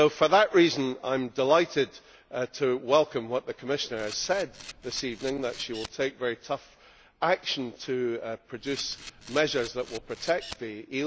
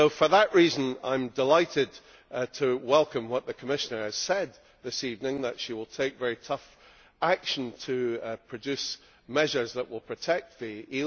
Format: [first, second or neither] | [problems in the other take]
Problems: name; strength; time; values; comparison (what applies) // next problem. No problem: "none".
second | background sound (Camera); 17 dB below the speech